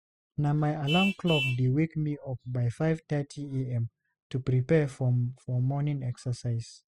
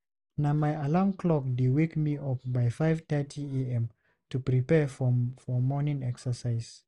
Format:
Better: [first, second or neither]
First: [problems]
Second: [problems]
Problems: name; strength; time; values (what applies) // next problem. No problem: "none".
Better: second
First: noise reduction (classical method spectral subtraction)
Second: none